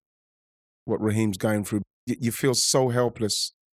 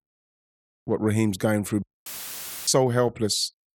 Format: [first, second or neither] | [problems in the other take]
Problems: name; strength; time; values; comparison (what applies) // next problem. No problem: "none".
first | audio cutting out; filled with static; at 2 s for 0.5 s